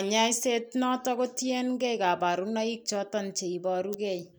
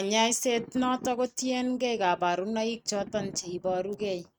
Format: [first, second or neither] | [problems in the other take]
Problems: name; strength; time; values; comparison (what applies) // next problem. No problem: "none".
first | noise reduction (neural mask model RNNoise)